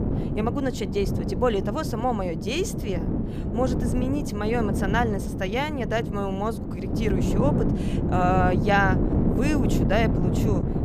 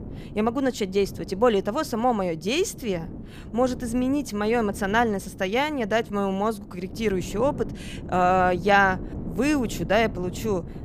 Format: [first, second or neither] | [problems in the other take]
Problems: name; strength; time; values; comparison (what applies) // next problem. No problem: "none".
second | wind noise on the microphone; heavy; 6 dB below the speech; occasional gusts in the second